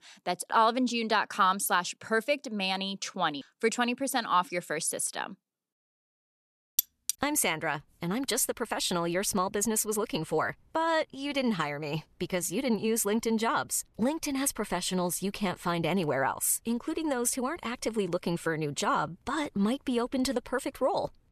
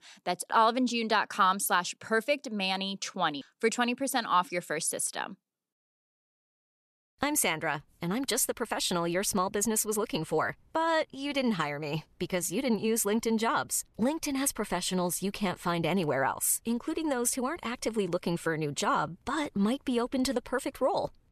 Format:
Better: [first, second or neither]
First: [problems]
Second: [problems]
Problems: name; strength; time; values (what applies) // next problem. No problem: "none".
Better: second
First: clattering dishes; loud; at 7 s; peak level with the speech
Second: none